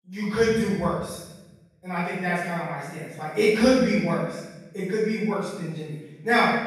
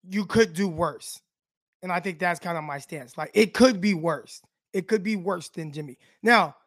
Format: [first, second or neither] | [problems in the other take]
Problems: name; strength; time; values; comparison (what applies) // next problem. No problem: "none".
second | room echo; strong; dies away in 1 s // off-mic speech; far